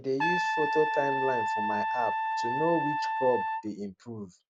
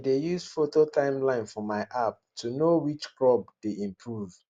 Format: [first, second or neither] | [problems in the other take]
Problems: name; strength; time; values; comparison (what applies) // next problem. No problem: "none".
second | background sound (Trumpet); 2 dB above the speech